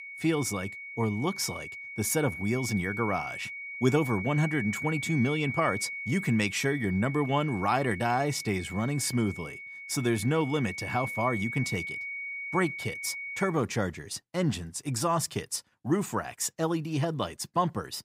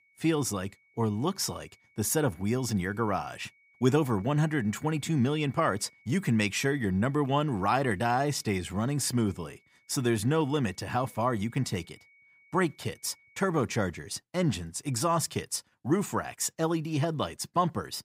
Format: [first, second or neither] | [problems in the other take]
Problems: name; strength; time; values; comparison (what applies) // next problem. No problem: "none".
second | high-pitched whine; loud; until 13 s; 2 kHz, 7 dB below the speech; faint in the second